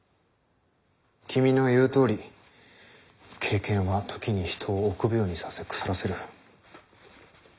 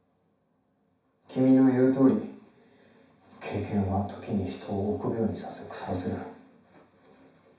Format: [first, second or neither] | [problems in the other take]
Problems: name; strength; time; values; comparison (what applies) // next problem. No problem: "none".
first | room echo; dies away in 0.6 s